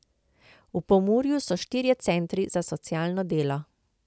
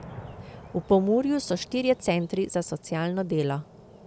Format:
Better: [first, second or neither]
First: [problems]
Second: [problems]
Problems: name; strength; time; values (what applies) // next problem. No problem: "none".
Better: first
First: none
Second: background sound (Fireworks); 19 dB below the speech